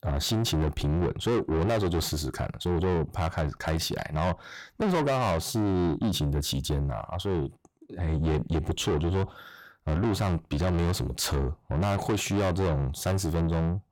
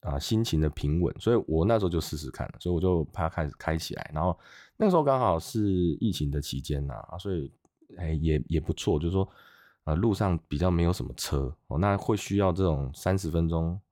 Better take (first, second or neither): second